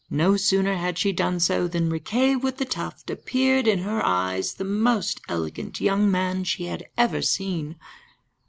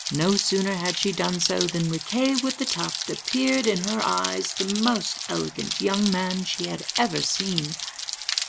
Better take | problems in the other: first | background sound (Rain); 5 dB below the speech

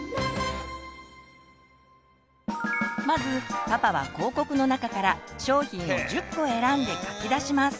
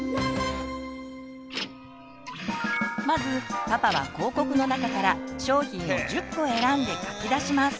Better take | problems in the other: first | background sound (Bass guitar + Printer); 8 dB below the speech

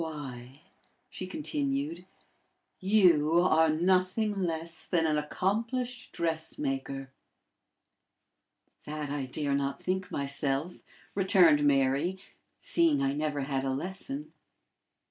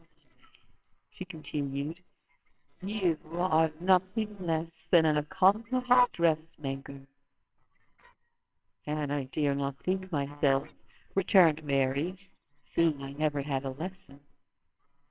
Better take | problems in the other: first | noise reduction (neural separator model SepFormer WHAMR!)

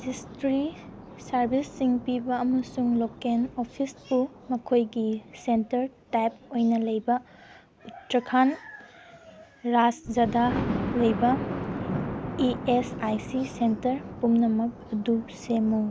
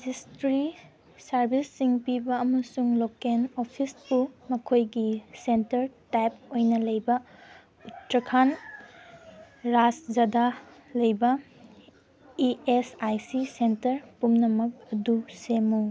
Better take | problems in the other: second | background sound (Thunder); 10 dB below the speech

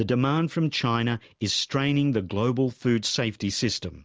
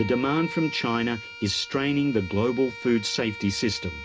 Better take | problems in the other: first | background sound (Bowed string instrument); 13 dB below the speech // room echo; dies away in 0.3 s

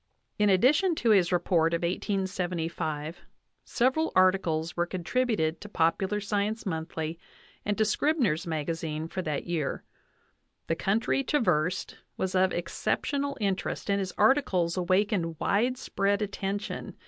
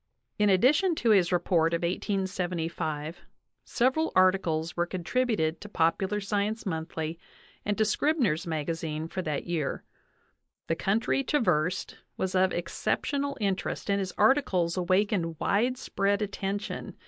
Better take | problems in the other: first | noise reduction (neural mask model Resemble Enhance denoiser)

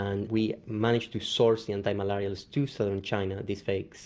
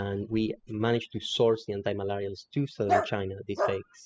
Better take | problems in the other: first | noise reduction (classical method spectral subtraction)

